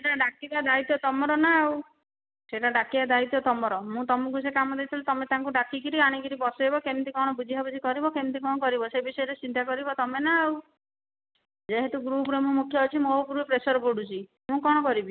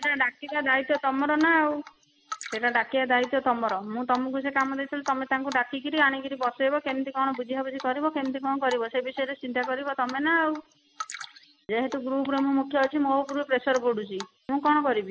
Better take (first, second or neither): first